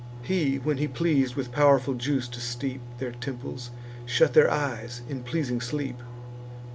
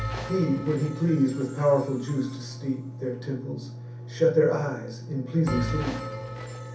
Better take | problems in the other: first | background sound (Bell); 11 dB below the speech // room echo; dies away in 0.6 s

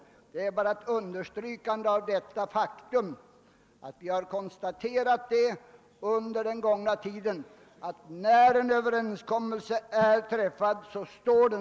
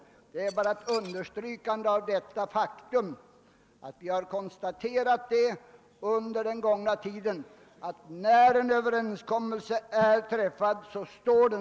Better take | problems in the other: first | background sound (Dishes, pots, and pans / Glass); 18 dB below the speech

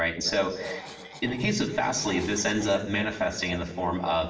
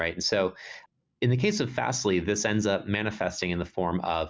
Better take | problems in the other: second | background sound (Cough); 17 dB below the speech // room echo; dies away in 2.3 s

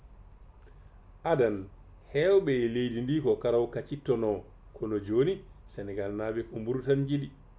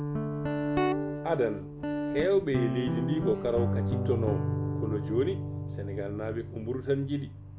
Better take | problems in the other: first | background sound (Guitar); as loud as the speech

